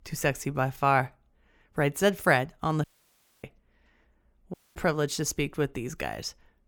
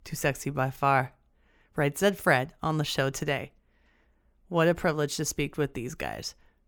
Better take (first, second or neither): second